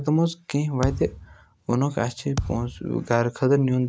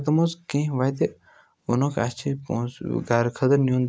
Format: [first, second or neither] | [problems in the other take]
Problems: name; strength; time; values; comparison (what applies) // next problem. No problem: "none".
second | background sound (Thump, thud); 10 dB below the speech